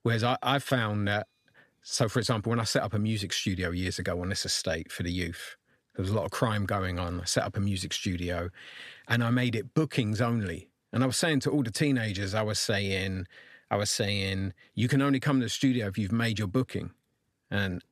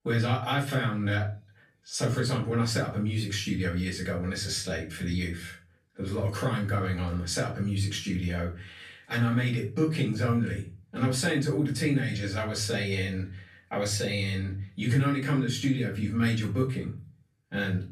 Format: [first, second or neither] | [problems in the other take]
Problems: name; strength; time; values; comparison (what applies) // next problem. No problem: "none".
first | off-mic speech; far // room echo; slight; dies away in 0.4 s